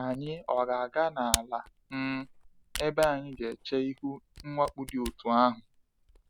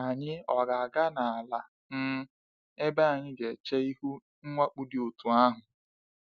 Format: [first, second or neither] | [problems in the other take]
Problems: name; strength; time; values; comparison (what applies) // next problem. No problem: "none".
second | background sound (Camera); 11 dB below the speech